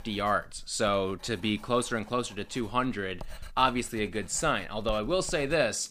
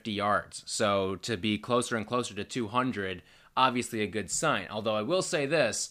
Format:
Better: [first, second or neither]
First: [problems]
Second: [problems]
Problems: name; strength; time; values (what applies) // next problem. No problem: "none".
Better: second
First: household noises; faint; throughout; 20 dB below the speech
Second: none